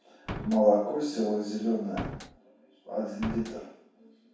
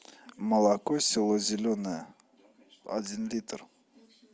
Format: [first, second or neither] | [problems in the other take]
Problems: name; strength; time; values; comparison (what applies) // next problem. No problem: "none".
second | background sound (Slam); 8 dB below the speech // room echo; dies away in 0.7 s